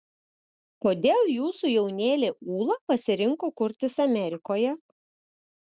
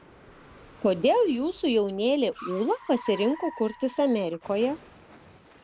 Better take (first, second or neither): first